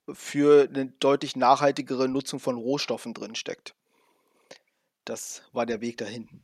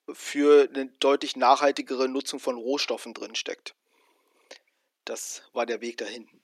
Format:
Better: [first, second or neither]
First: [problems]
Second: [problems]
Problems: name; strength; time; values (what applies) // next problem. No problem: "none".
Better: first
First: none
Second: thin; very slightly; fading below 300 Hz